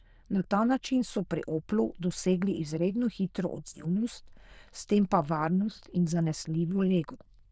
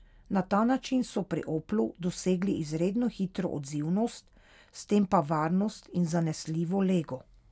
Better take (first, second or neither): second